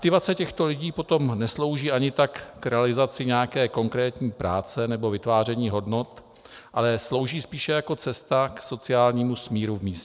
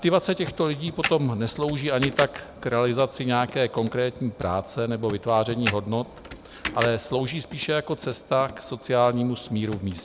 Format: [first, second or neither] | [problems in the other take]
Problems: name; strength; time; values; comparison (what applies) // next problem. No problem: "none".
first | background sound (Computer keyboard); 12 dB below the speech